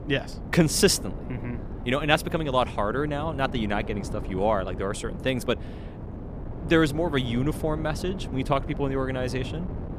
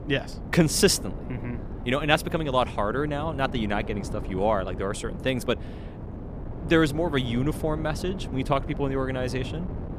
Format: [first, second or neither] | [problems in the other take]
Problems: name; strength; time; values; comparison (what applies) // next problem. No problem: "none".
neither | wind noise on the microphone; occasional gusts; 15 dB below the speech; the same in both